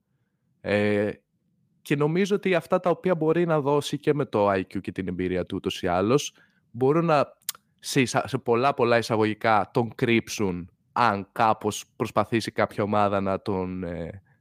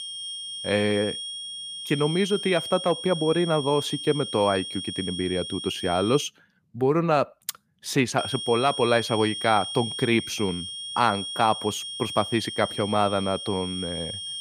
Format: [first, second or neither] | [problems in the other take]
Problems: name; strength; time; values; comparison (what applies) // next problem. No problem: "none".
first | high-pitched whine; loud; until 6.5 s and from 8 s on; 3.5 kHz, 7 dB below the speech